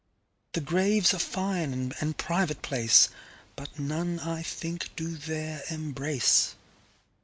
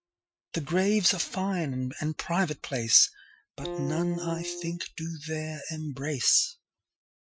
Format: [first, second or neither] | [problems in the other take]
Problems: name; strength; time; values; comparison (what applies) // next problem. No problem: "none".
first | noise reduction (classical method Wiener filter)